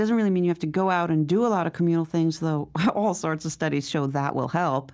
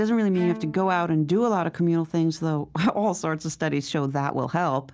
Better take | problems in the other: first | background sound (Bowed string instrument); 19 dB below the speech

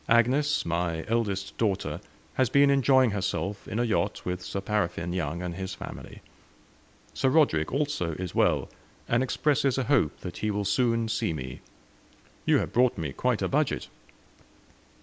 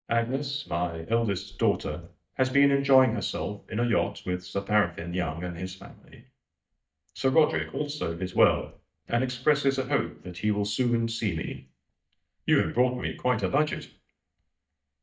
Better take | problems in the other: first | noise reduction (neural mask model DeepFilterNet 3)

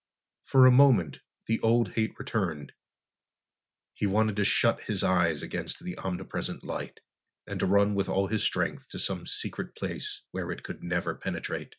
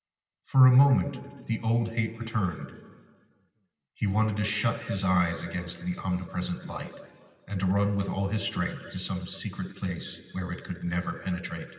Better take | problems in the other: first | room echo; dies away in 2 s

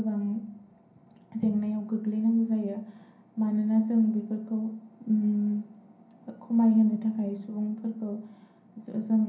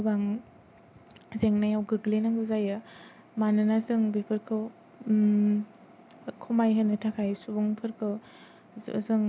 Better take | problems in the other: second | room echo; dies away in 0.6 s

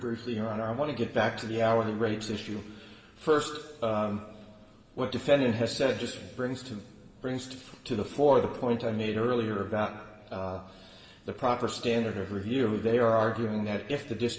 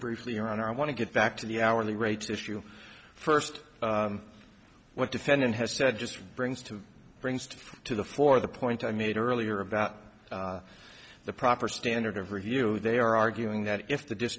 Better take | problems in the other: second | room echo; dies away in 1.7 s

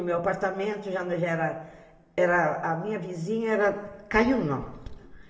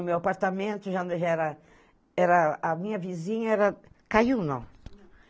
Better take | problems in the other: second | room echo; dies away in 1.5 s

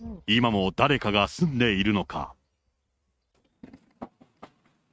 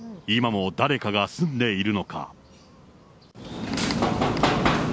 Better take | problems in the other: second | noise reduction (neural mask model RNNoise)

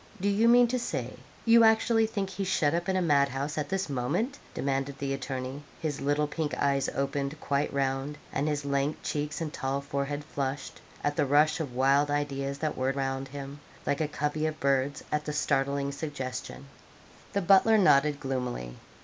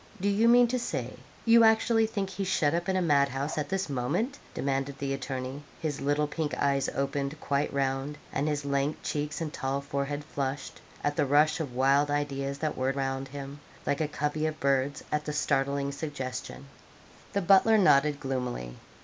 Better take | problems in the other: first | background sound (Bark); 15 dB below the speech

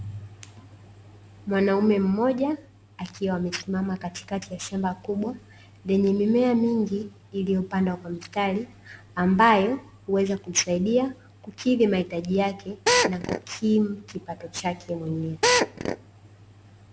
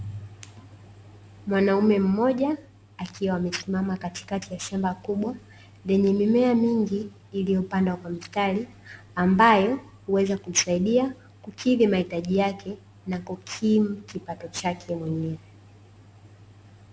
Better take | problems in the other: second | background sound (Drill); 2 dB above the speech

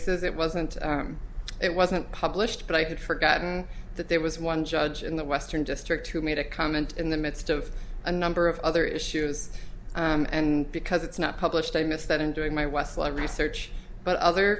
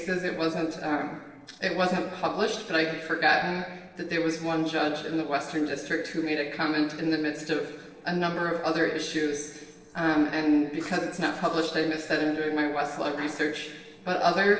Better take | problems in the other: first | noise reduction (neural separator model SepFormer DNS4)

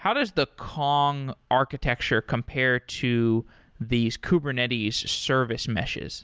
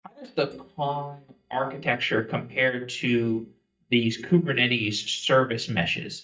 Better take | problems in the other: first | noise reduction (neural mask model DeepFilterNet 3)

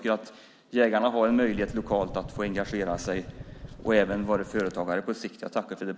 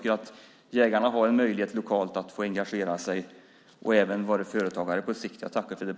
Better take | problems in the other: second | background sound (Engine starting / Car); 14 dB below the speech

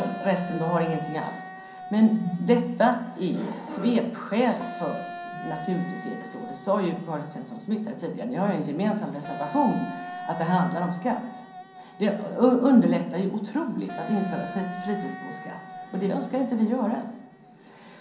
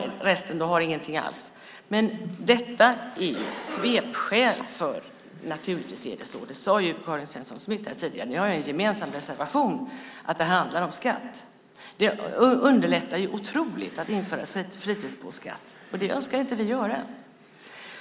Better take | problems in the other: second | background sound (Wind instrument, woodwind instrument); 14 dB below the speech // room echo; dies away in 0.6 s

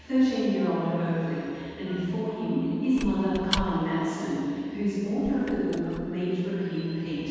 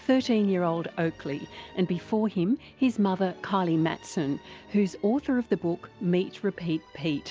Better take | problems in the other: second | background sound (Squeak / Wood); 14 dB below the speech // room echo; dies away in 2.1 s

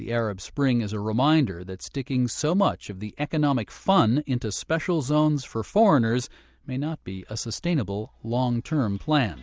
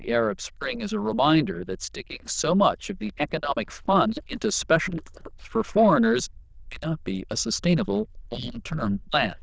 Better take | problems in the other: first | noise reduction (neural diffusion model UNIVERSE++)

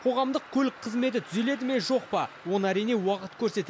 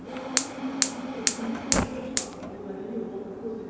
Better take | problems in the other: first | background sound (Fire); 4 dB above the speech // room echo; dies away in 2.2 s

